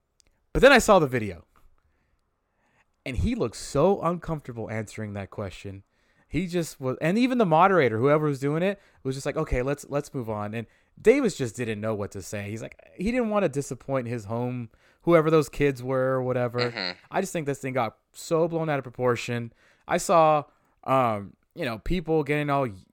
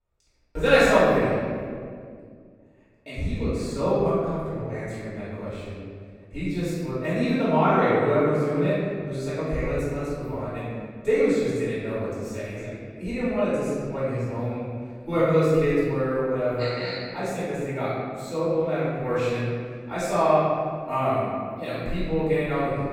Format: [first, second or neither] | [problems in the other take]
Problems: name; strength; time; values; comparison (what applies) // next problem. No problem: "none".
first | off-mic speech; far // room echo; strong; dies away in 2 s